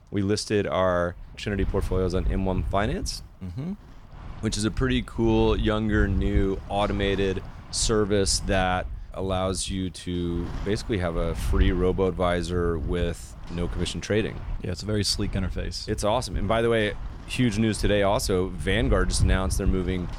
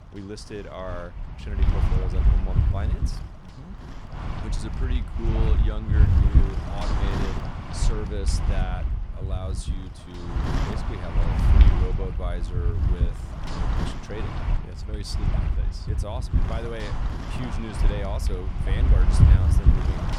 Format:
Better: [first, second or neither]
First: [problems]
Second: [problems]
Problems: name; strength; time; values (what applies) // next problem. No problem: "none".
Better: first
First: wind noise on the microphone; occasional gusts; 20 dB below the speech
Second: wind noise on the microphone; heavy; 2 dB above the speech